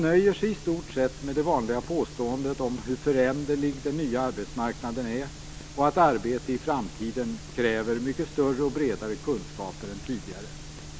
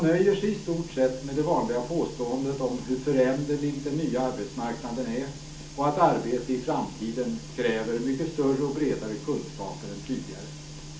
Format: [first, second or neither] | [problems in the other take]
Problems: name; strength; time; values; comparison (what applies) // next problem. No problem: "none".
first | room echo; dies away in 0.4 s